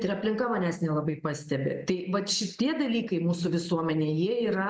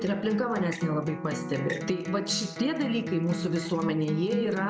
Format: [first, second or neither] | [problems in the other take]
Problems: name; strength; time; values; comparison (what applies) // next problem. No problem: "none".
first | background sound (Acoustic guitar); 6 dB below the speech